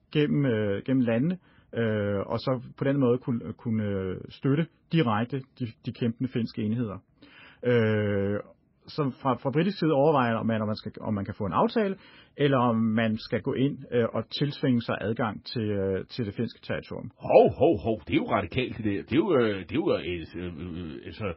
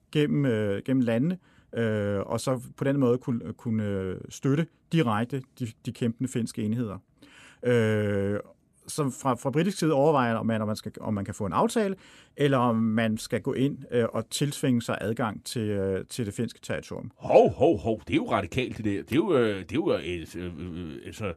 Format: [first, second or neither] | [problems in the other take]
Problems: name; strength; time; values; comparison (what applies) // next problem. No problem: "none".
second | garbled, watery; badly; nothing above 5.5 kHz